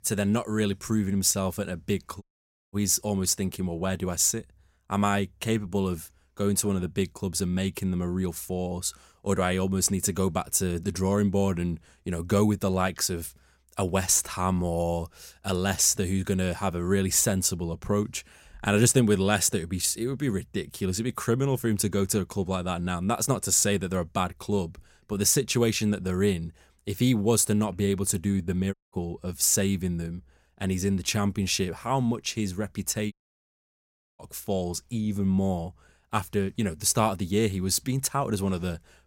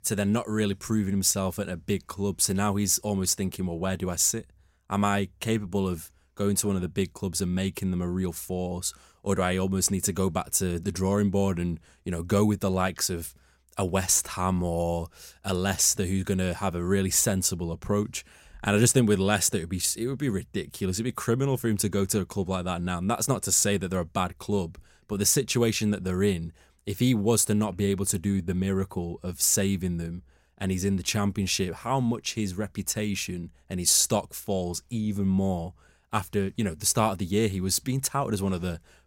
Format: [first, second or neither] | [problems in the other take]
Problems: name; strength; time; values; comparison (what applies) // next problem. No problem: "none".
second | audio cutting out; at 2 s for 0.5 s, at 29 s and at 33 s for 1 s